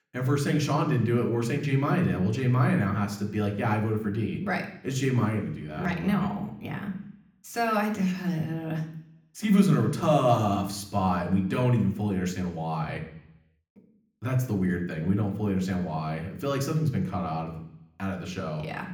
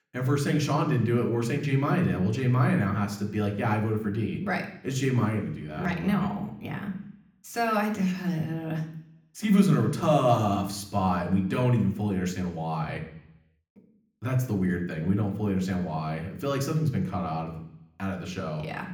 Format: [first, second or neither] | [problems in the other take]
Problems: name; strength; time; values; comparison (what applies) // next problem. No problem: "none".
neither | room echo; slight; dies away in 0.8 s; the same in both // off-mic speech; somewhat distant; the same in both